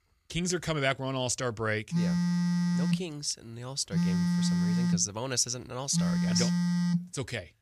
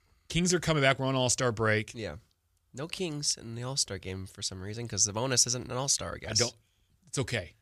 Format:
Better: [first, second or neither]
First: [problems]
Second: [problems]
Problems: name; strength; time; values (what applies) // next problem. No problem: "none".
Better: second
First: phone ringing; loud; from 2 to 7 s; peak 5 dB above the speech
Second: none